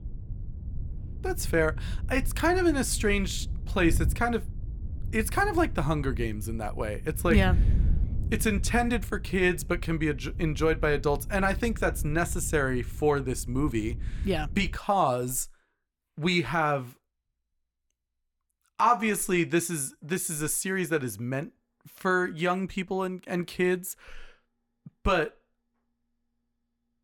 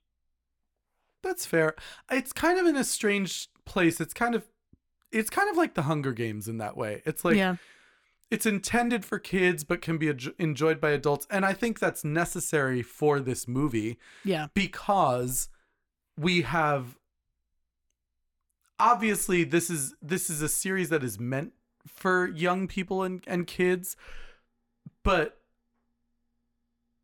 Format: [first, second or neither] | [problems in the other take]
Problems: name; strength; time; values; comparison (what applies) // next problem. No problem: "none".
second | wind noise on the microphone; occasional gusts; until 15 s; 20 dB below the speech